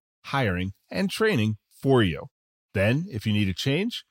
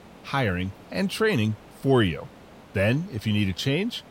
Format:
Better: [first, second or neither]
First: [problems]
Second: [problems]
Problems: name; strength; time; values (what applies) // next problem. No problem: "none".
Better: first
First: none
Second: hiss; faint; throughout; 25 dB below the speech